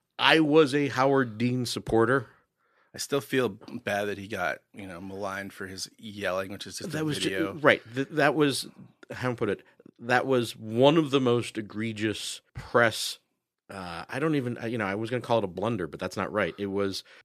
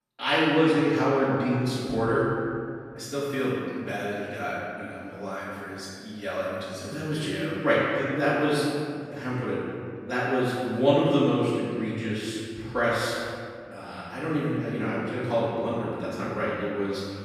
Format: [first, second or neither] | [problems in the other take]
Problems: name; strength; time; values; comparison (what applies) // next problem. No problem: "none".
first | room echo; strong; dies away in 2.1 s // off-mic speech; far